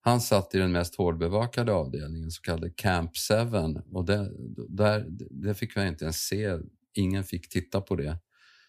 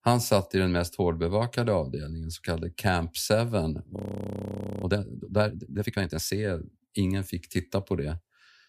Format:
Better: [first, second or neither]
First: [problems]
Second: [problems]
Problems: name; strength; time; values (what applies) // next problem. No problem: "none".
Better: first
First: none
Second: audio freezing; at 4 s for 1 s